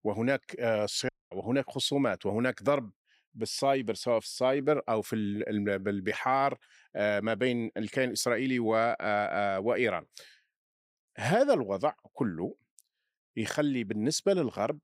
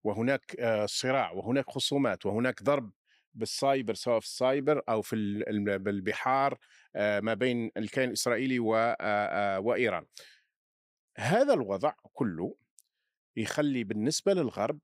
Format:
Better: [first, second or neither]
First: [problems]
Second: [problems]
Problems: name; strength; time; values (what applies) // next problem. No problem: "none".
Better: second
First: audio cutting out; at 1 s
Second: none